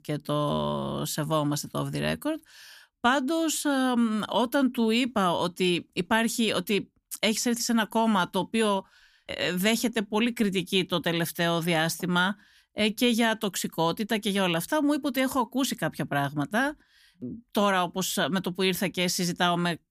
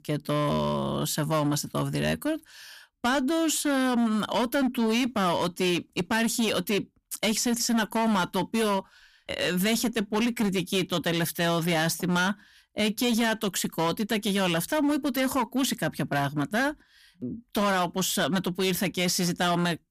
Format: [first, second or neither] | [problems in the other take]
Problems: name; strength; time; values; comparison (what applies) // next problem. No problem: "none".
first | distortion; slight; 14% of the sound clipped